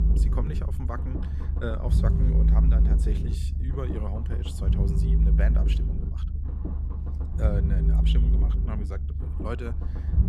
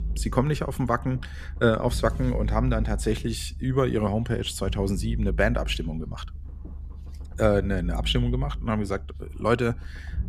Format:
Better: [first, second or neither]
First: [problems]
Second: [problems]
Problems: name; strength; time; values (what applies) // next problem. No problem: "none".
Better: second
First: low rumble; loud; throughout; 2 dB below the speech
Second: low rumble; faint; throughout; 25 dB below the speech